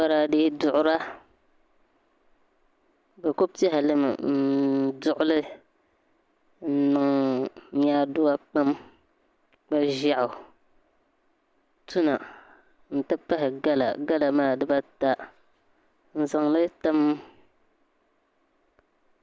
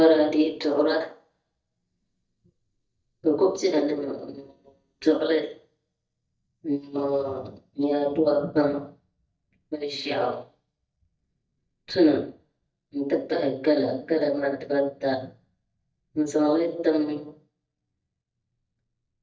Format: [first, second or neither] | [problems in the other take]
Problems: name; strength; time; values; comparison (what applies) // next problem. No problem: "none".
first | noise reduction (neural mask model DeepFilterNet 3)